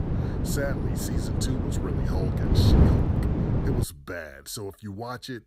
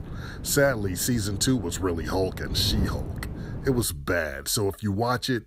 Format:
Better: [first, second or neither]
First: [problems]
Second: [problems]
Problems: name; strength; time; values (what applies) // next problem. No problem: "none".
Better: second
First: wind noise on the microphone; heavy; until 4 s; 3 dB above the speech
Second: wind noise on the microphone; occasional gusts; until 4 s; 15 dB below the speech